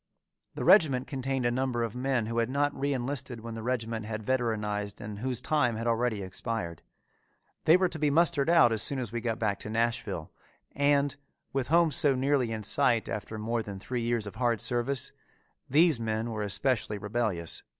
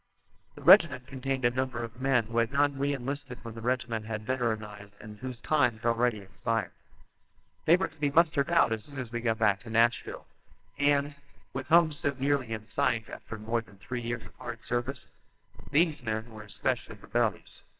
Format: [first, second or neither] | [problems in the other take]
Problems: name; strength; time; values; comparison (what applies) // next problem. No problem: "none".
first | noise reduction (neural separator model SepFormer WHAMR!)